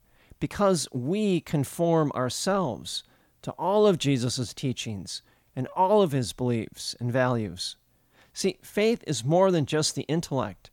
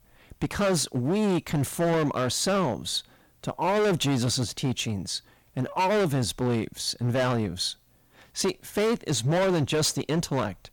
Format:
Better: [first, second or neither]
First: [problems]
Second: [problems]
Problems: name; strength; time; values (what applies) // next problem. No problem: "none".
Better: first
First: none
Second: distortion; heavy; 16% of the sound clipped